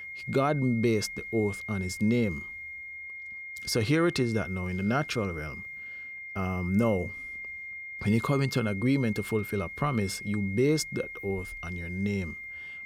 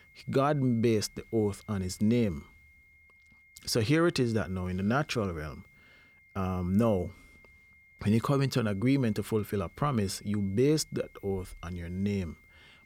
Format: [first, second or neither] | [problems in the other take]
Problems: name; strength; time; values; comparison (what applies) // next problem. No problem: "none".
second | high-pitched whine; loud; throughout; 2 kHz, 9 dB below the speech; faint in the second